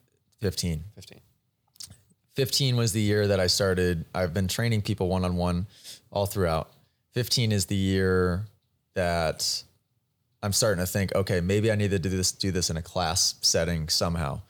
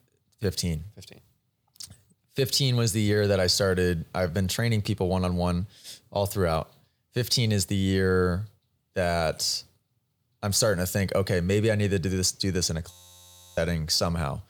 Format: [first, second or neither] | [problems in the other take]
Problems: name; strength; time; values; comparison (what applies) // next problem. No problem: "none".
first | audio freezing; at 13 s for 0.5 s